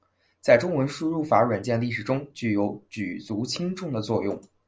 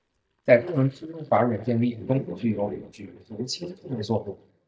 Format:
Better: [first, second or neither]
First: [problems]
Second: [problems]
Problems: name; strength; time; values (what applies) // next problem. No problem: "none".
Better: first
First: none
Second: noise reduction (neural mask model DeepFilterNet 3)